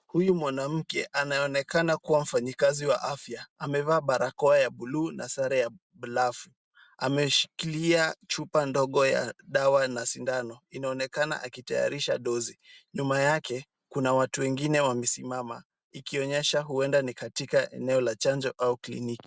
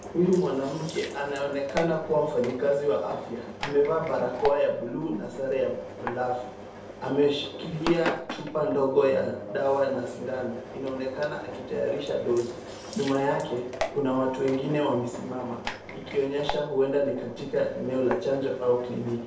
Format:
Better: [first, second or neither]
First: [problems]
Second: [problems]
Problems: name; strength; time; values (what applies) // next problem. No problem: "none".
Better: first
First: none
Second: background sound (Engine); 11 dB below the speech // room echo; dies away in 2 s